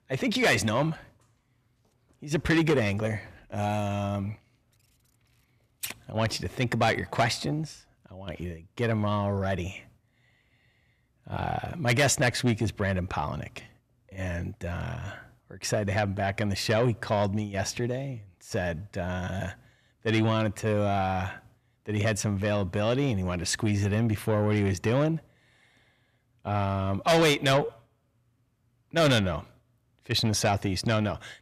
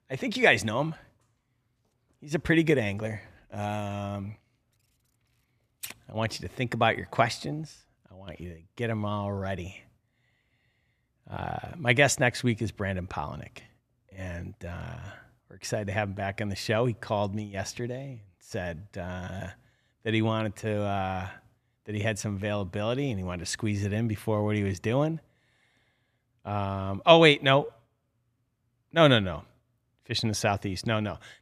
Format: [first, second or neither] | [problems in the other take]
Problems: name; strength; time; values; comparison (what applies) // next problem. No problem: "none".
second | distortion; heavy; 6 dB below the speech